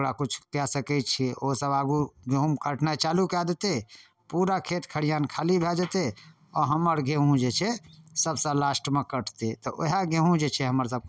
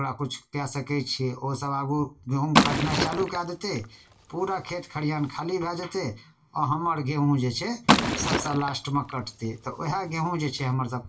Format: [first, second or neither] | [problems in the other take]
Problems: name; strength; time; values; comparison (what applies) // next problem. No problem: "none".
first | background sound (Liquid); as loud as the speech // room echo; dies away in 0.2 s